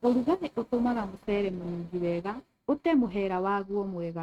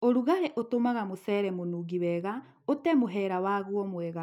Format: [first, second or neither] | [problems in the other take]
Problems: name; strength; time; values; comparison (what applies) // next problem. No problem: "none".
second | noise reduction (neural mask model RNNoise)